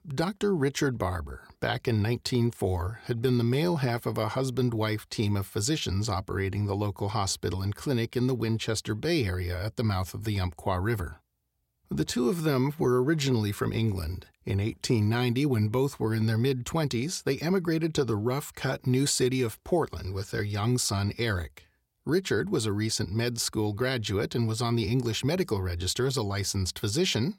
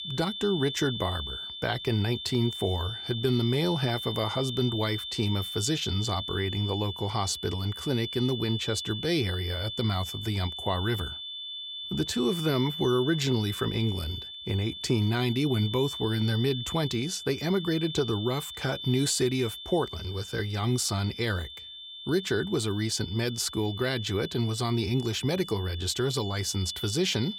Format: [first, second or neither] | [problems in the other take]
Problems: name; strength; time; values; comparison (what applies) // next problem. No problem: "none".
first | high-pitched whine; loud; throughout; 3.5 kHz, 7 dB below the speech